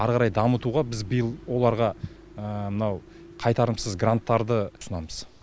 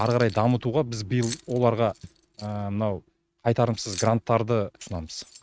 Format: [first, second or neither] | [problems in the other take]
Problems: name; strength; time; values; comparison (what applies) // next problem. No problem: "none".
first | noise reduction (neural mask model RNNoise)